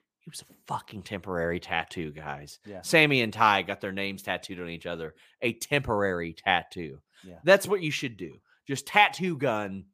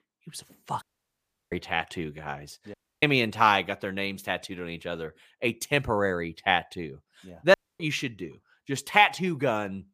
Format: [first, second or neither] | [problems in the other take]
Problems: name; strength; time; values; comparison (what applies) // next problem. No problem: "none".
first | audio cutting out; at 1 s for 0.5 s, at 2.5 s and at 7.5 s